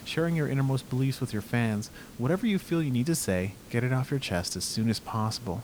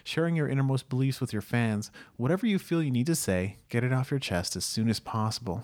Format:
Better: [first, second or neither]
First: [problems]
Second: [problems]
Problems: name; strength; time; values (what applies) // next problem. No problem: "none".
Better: second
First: hiss; noticeable; throughout; 20 dB below the speech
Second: none